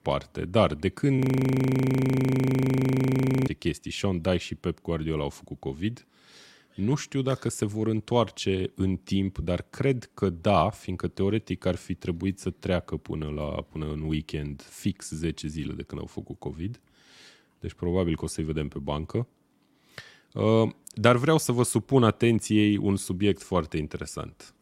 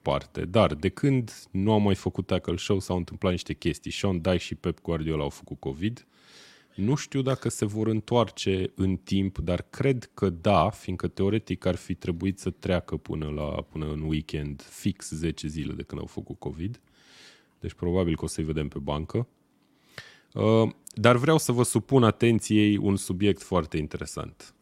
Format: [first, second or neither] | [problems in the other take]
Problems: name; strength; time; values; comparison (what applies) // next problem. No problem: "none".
second | audio freezing; at 1 s for 2.5 s